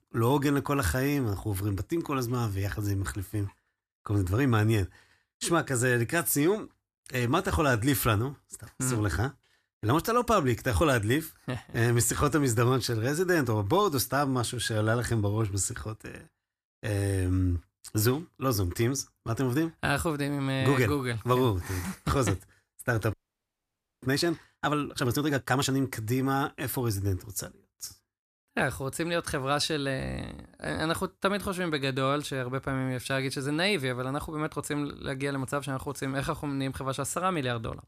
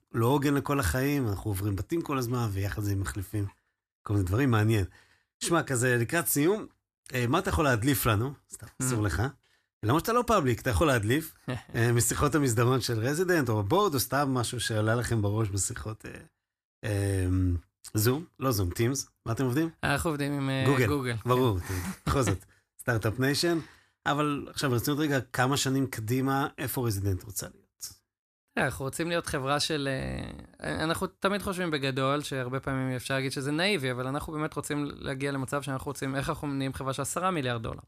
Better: second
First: audio freezing; at 23 s for 1 s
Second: none

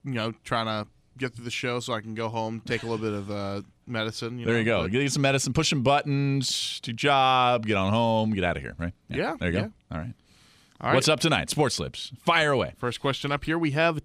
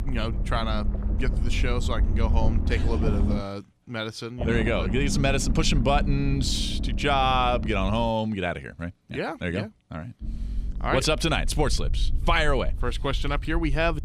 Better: first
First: none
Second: low rumble; noticeable; until 3.5 s, from 4.5 to 8 s and from 10 s on; 15 dB below the speech

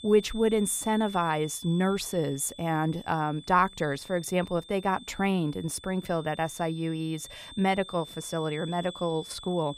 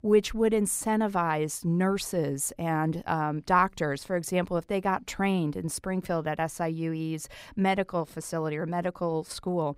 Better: second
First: high-pitched whine; noticeable; throughout; 3.5 kHz, 15 dB below the speech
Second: none

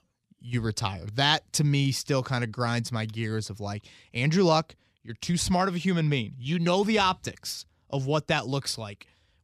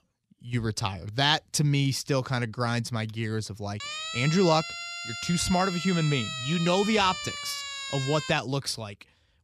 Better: first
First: none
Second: siren; noticeable; from 4 to 8.5 s; peak 5 dB below the speech

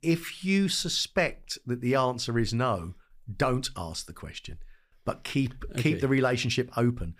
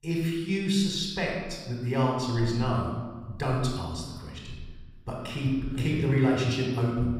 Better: first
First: none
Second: off-mic speech; somewhat distant // room echo; noticeable; dies away in 1.3 s

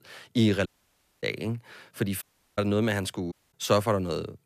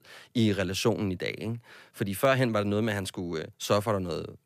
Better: second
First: audio cutting out; at 0.5 s for 0.5 s, at 2 s and at 3.5 s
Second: none

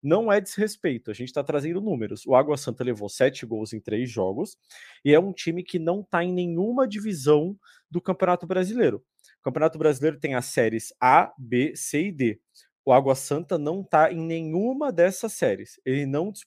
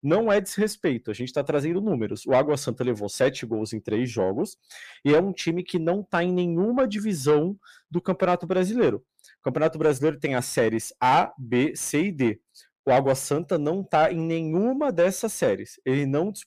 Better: first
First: none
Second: distortion; slight; 10 dB below the speech

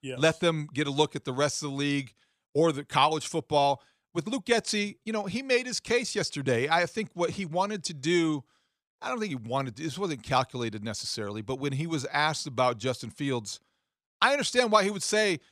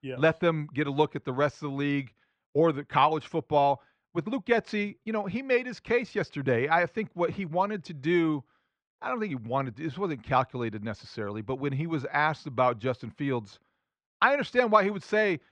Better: first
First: none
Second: muffled; very; fading above 2 kHz

